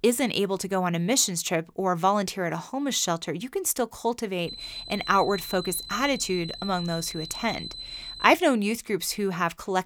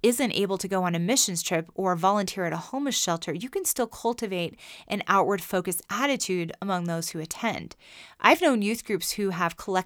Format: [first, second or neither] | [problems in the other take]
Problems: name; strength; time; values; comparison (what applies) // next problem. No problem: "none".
second | alarm; noticeable; from 4.5 to 8.5 s; peak 10 dB below the speech